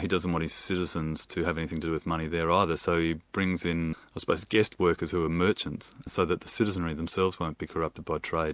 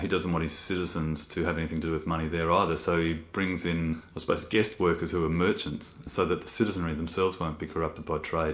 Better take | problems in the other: first | room echo; dies away in 1.9 s

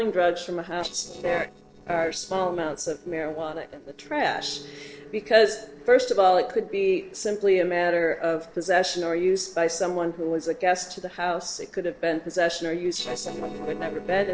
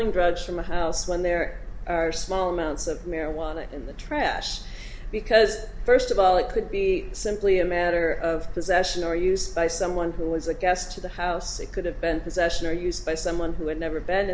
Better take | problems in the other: second | noise reduction (neural separator model SepFormer DNS4)

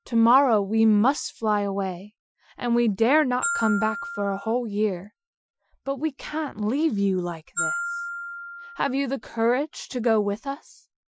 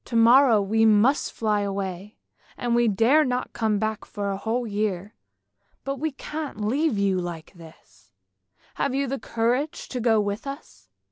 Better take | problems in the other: second | noise reduction (classical method Wiener filter)

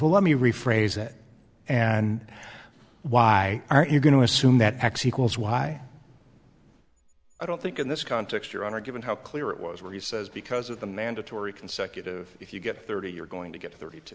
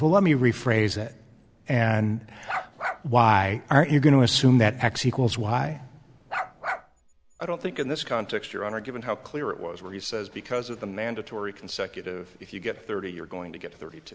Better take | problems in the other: first | background sound (Bark); 7 dB below the speech

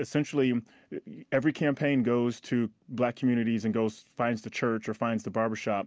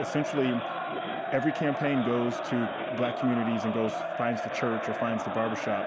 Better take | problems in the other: first | background sound (Crowd); 3 dB below the speech

